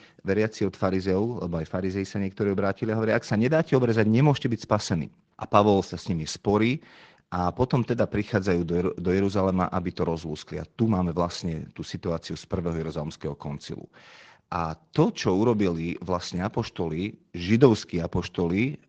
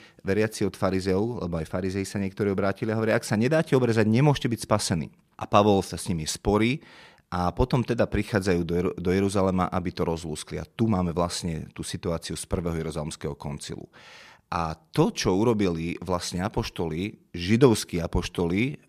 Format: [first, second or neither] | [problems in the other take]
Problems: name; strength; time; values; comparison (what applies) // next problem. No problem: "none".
second | garbled, watery; slightly